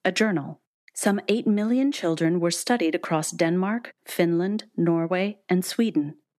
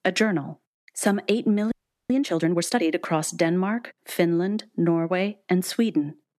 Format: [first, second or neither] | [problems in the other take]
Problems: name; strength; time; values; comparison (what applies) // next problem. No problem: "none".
first | audio freezing; at 1.5 s